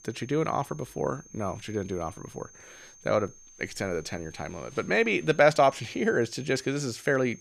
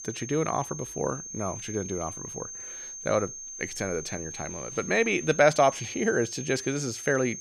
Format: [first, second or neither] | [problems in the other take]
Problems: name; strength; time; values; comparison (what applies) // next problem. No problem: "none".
first | high-pitched whine; loud; throughout; 6.5 kHz, 9 dB below the speech; faint in the first